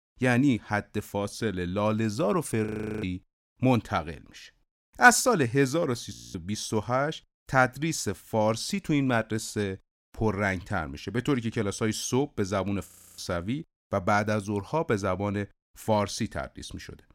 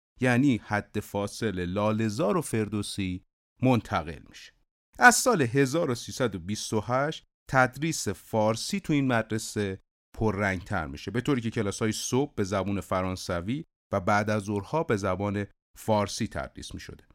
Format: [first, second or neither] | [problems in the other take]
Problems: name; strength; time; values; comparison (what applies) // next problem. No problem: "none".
second | audio freezing; at 2.5 s, at 6 s and at 13 s